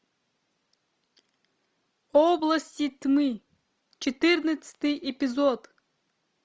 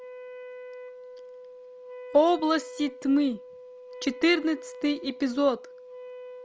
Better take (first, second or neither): first